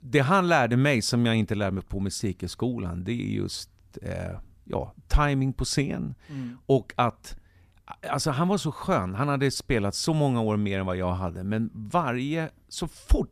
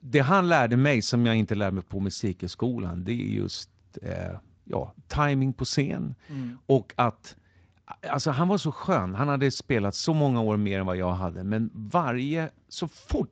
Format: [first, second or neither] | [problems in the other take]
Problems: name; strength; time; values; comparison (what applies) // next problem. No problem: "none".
first | garbled, watery; slightly; nothing above 7.5 kHz